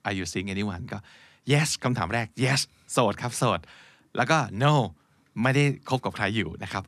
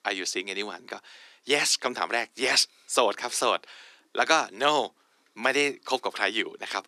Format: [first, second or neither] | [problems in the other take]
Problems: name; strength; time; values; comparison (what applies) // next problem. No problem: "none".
first | thin; very; fading below 350 Hz